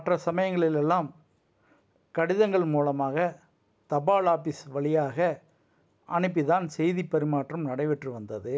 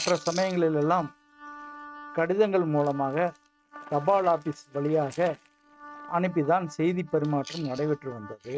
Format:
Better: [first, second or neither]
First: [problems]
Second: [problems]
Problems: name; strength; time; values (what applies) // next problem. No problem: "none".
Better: first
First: none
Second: noise reduction (neural mask model RNNoise)